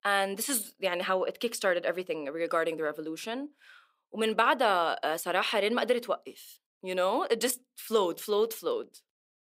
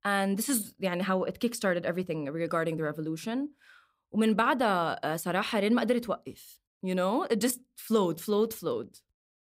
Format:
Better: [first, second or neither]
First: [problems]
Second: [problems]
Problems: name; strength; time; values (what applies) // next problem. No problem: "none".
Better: second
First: thin; somewhat; fading below 450 Hz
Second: none